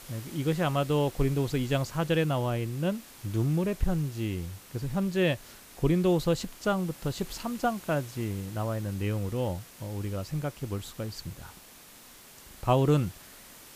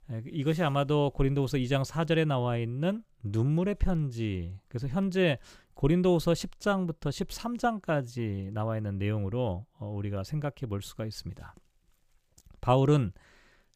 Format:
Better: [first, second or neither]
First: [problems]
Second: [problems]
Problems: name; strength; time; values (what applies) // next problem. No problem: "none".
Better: second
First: hiss; noticeable; throughout; 20 dB below the speech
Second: none